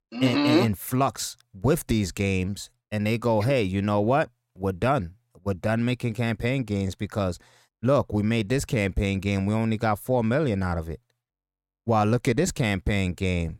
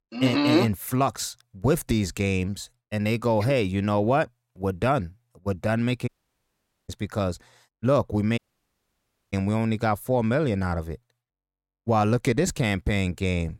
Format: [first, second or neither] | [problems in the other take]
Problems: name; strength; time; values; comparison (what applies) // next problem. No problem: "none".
first | audio cutting out; at 6 s for 1 s and at 8.5 s for 1 s